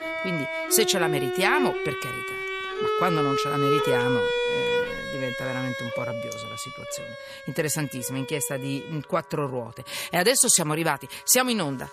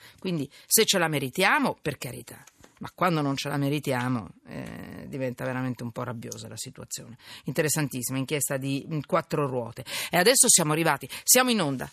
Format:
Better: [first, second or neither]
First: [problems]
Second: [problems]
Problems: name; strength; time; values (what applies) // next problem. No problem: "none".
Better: second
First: background music; loud; throughout; 2 dB below the speech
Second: none